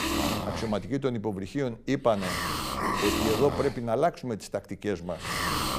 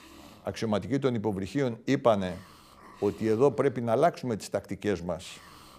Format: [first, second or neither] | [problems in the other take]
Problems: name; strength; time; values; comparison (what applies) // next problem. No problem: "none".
second | hiss; loud; throughout; as loud as the speech; faint in the second